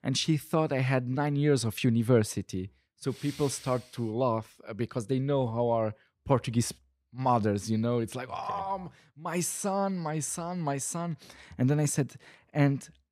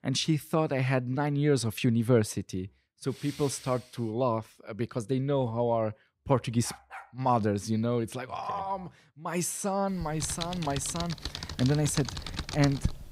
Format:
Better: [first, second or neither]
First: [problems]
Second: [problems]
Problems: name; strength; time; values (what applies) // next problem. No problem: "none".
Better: first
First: none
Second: dog barking; faint; at 6.5 s; peak 15 dB below the speech // keyboard typing; noticeable; from 10 s on; peak 4 dB below the speech